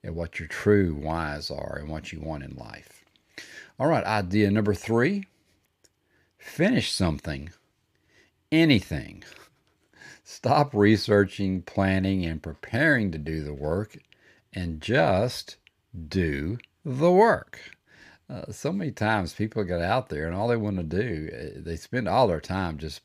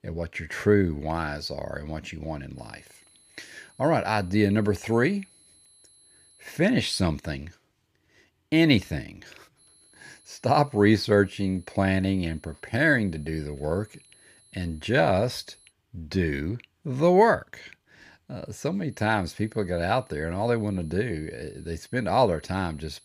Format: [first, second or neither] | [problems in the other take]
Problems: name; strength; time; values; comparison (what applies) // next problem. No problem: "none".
first | high-pitched whine; faint; from 2.5 to 6.5 s, from 9.5 to 16 s and from 19 s on; 11 kHz, 30 dB below the speech